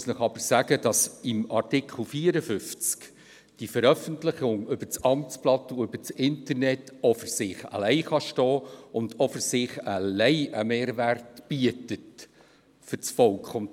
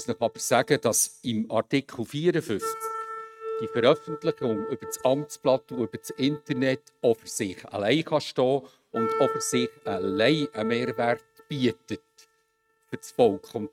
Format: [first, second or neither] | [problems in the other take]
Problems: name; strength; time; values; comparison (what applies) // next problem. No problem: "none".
first | noise reduction (neural mask model RNNoise)